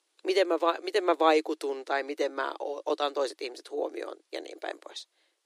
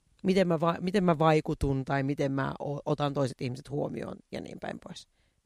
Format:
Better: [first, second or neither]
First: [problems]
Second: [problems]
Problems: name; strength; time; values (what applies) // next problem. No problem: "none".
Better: second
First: thin; very; fading below 300 Hz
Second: none